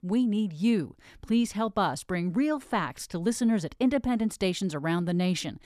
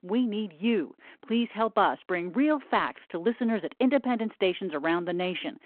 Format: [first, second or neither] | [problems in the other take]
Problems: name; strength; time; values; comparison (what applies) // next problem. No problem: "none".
first | phone-call audio